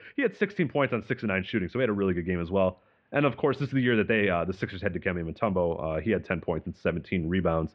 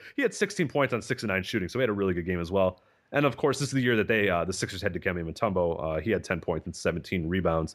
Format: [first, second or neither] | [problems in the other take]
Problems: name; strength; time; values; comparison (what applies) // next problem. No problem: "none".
second | muffled; very; fading above 3 kHz